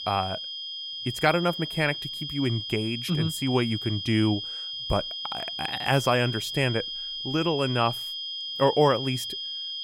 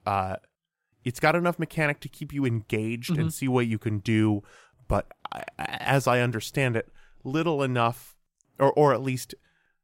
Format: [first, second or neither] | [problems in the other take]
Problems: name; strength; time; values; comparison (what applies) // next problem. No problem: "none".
second | high-pitched whine; loud; throughout; 3 kHz, 5 dB below the speech